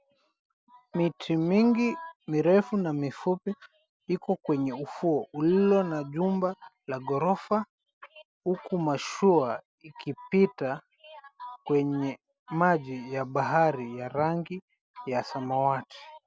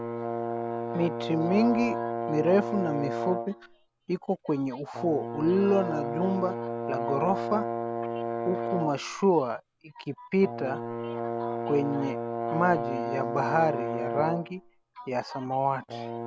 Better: first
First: none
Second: background sound (Brass instrument); 4 dB below the speech

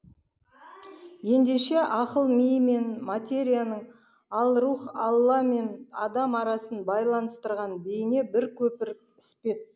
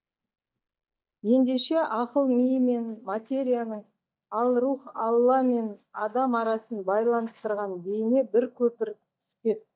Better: first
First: none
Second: noise reduction (neural mask model DeepFilterNet 3)

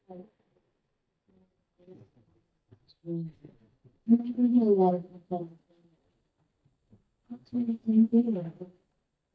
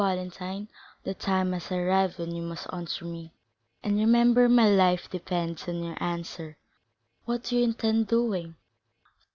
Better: second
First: noise reduction (neural mask model DeepFilterNet 3)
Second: none

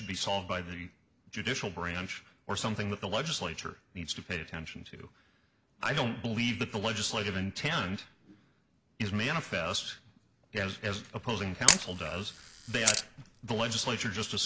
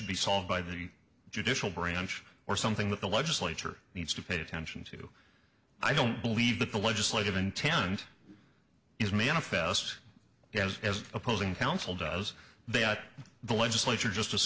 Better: second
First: background sound (Camera); 3 dB above the speech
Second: none

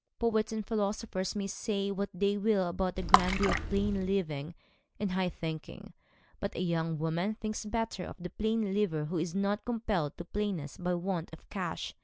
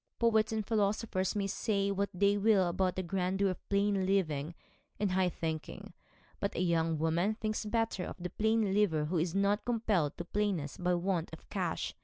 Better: second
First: background sound (Water / Splash, splatter); 1 dB above the speech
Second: none

